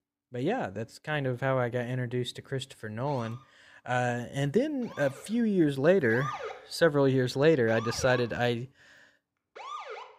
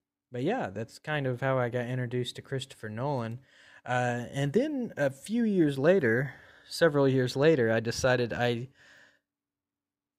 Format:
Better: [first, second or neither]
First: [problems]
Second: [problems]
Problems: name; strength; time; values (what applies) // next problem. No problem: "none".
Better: second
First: siren; noticeable; from 3 s on; peak 8 dB below the speech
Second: none